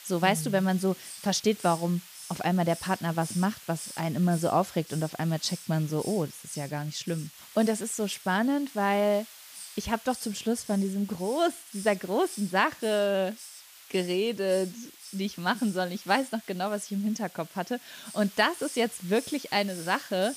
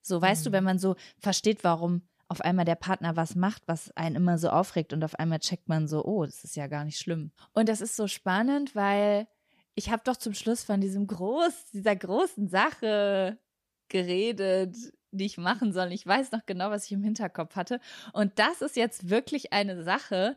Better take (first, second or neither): second